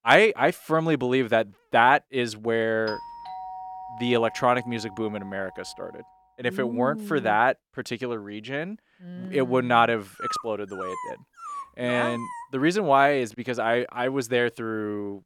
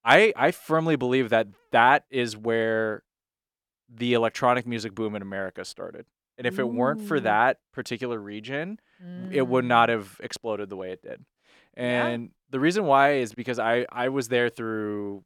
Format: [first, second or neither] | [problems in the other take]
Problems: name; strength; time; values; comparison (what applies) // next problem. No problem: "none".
second | doorbell; faint; from 3 to 6 s; peak 10 dB below the speech // dog barking; noticeable; from 10 to 12 s; peak 7 dB below the speech